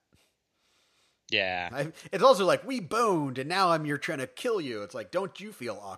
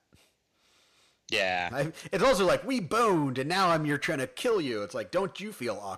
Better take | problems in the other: first | distortion; heavy; 7 dB below the speech

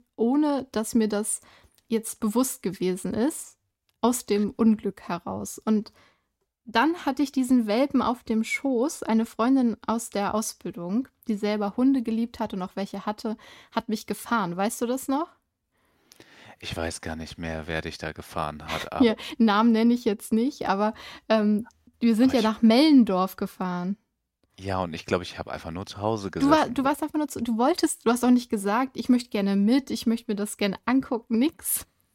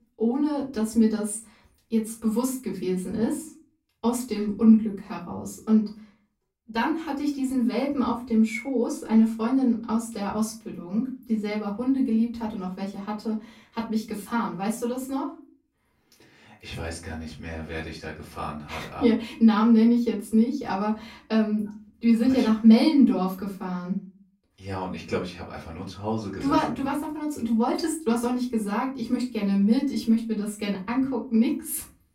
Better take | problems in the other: first | off-mic speech; far // room echo; slight; dies away in 0.3 s

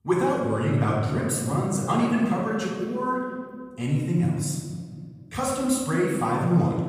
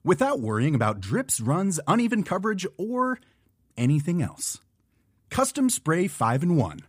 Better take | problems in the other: second | off-mic speech; far // room echo; noticeable; dies away in 1.6 s

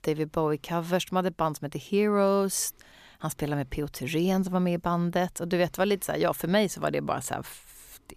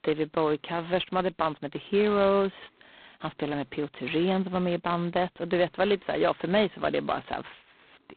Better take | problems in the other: first | phone-call audio; poor line; nothing above 4 kHz

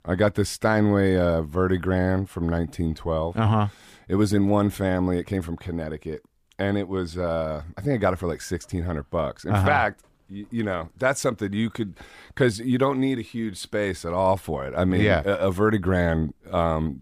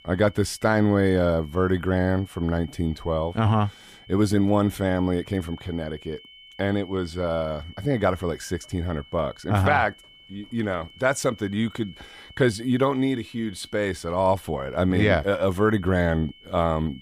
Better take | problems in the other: first | high-pitched whine; faint; throughout; 3 kHz, 25 dB below the speech

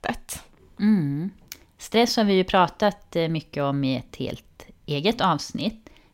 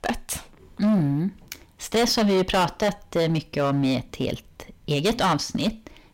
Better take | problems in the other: first | distortion; heavy; 11% of the sound clipped

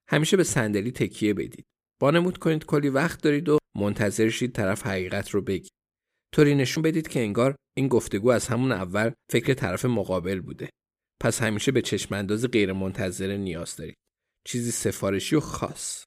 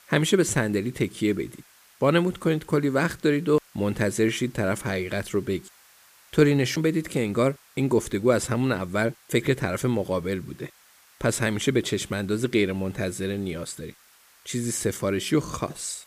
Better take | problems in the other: first | hiss; faint; throughout; 30 dB below the speech

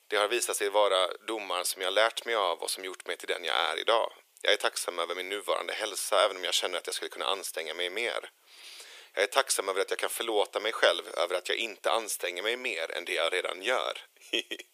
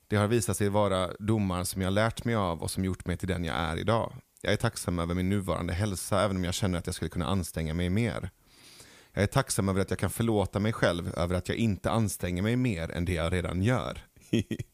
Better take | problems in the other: second | thin; very; fading below 400 Hz

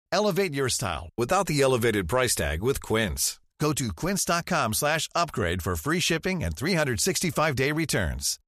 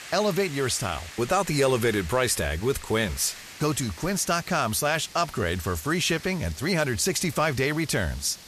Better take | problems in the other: first | hiss; noticeable; throughout; 15 dB below the speech

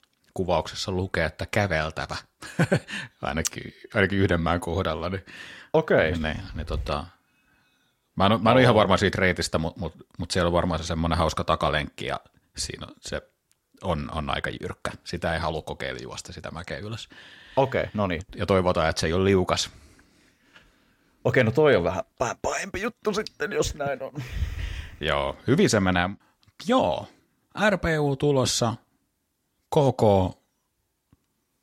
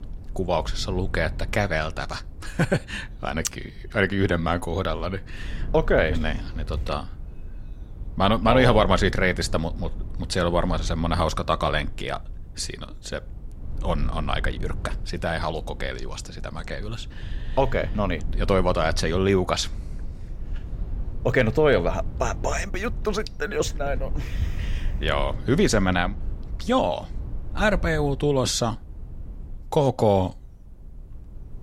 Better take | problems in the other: first | low rumble; faint; throughout; 25 dB below the speech

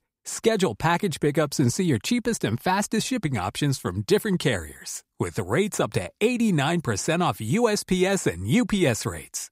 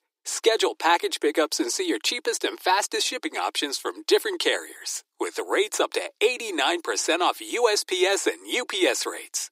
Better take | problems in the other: first | thin; very; fading below 300 Hz

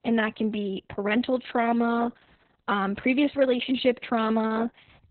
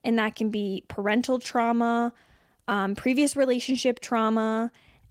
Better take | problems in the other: second | garbled, watery; badly; nothing above 4 kHz; slightly in the second

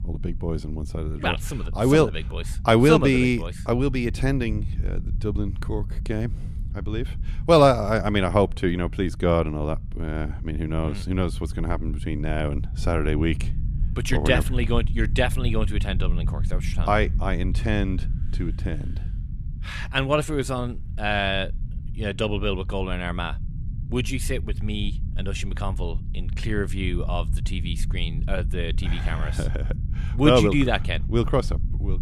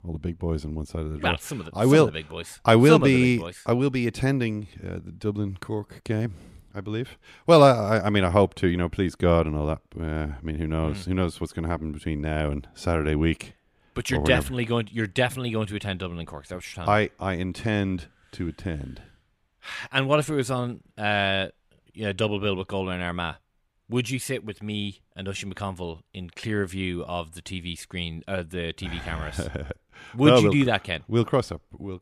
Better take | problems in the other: second | low rumble; faint; throughout; 20 dB below the speech

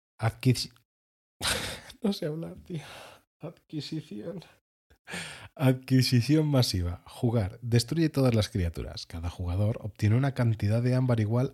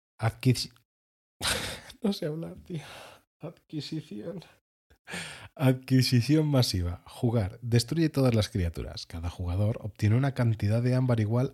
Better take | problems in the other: neither | none

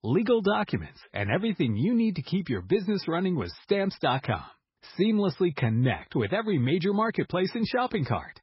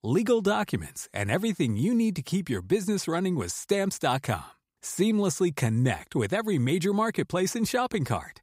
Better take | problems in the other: second | garbled, watery; badly; nothing above 5.5 kHz

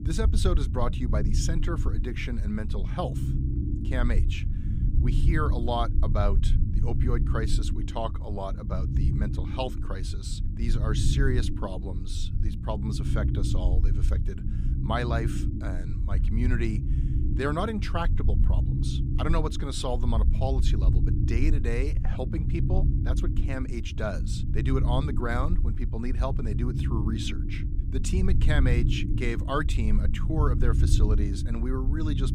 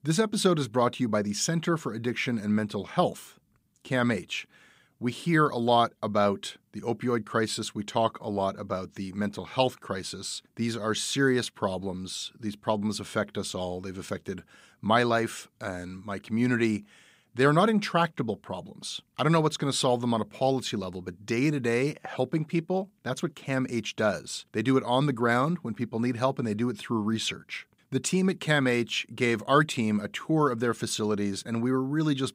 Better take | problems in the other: second | low rumble; loud; throughout; 7 dB below the speech

